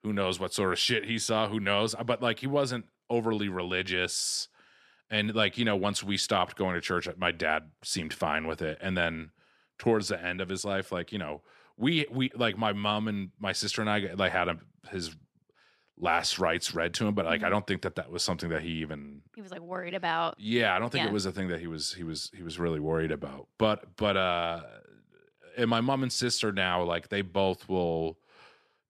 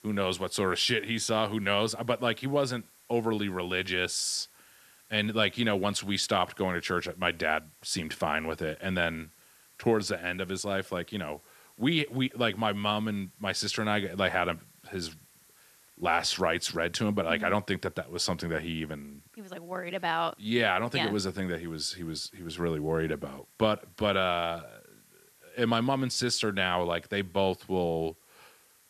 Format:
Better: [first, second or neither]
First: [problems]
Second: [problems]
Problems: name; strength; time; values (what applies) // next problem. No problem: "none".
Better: first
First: none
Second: hiss; faint; throughout; 30 dB below the speech